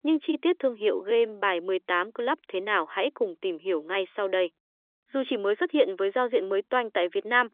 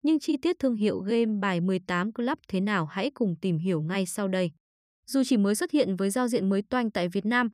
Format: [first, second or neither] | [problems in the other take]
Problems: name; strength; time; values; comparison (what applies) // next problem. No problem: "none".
second | phone-call audio; nothing above 3.5 kHz